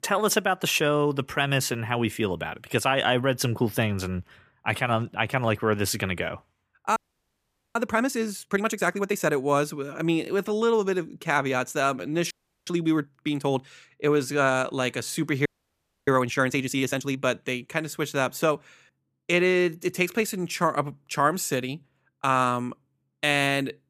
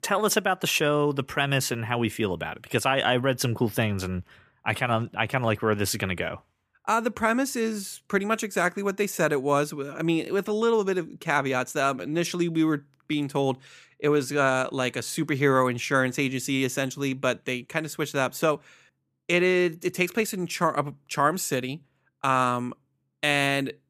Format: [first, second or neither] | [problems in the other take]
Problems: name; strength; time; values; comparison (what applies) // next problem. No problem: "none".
second | audio freezing; at 7 s for 1 s, at 12 s and at 15 s for 0.5 s